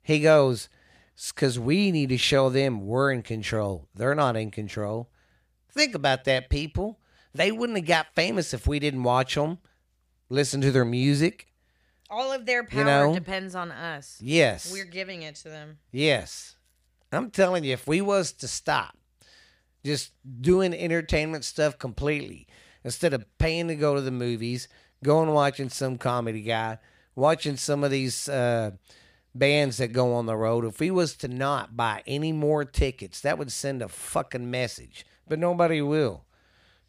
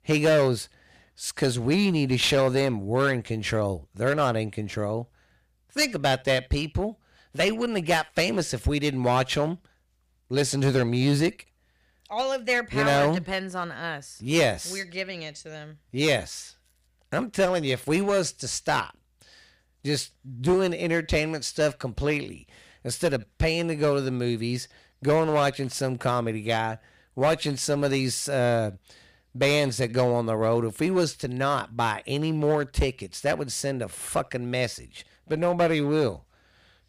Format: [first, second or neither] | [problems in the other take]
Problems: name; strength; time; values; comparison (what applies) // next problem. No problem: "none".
first | distortion; slight; 6% of the sound clipped